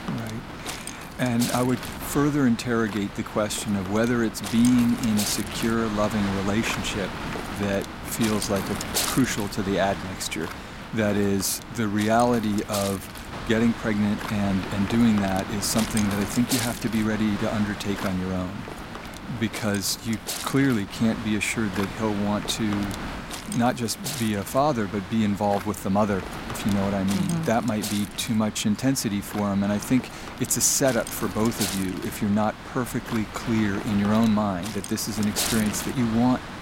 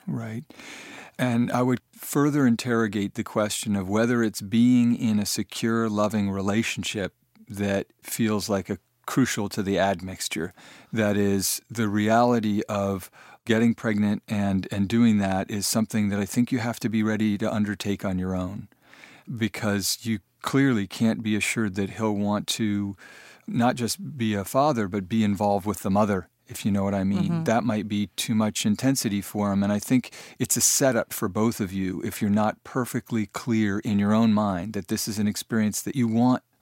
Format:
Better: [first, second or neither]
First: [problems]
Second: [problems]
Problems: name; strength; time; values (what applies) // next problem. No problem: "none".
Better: second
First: wind noise on the microphone; heavy; 6 dB below the speech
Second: none